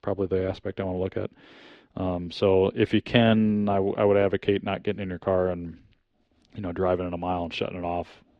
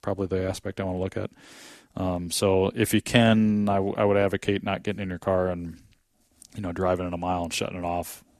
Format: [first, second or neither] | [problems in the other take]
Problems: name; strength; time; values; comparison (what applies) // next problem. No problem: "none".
second | muffled; slightly; fading above 3.5 kHz